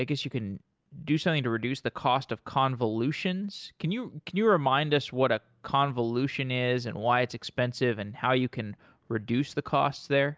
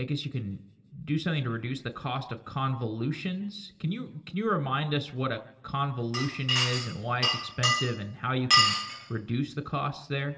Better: first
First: none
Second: background sound (Glass); 3 dB above the speech // room echo; dies away in 1.4 s

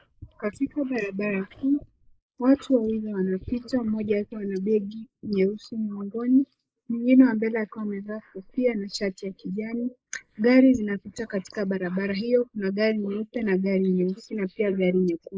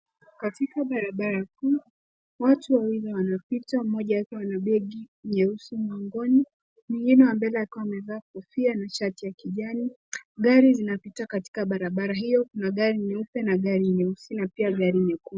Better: second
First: noise reduction (neural mask model Resemble Enhance denoiser)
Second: none

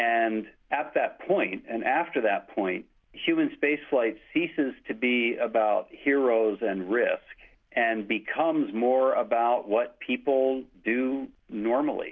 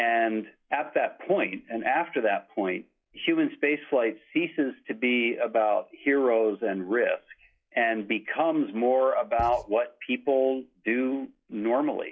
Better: first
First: none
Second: noise reduction (classical method log-MMSE)

